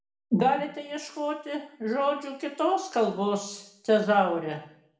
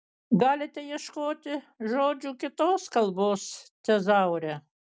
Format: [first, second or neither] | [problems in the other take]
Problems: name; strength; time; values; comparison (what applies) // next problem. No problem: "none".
second | room echo; dies away in 0.6 s